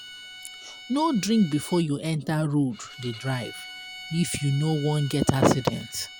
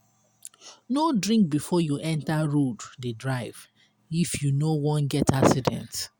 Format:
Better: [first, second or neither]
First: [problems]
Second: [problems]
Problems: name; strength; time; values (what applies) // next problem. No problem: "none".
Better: second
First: background sound (Bowed string instrument); 16 dB below the speech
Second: none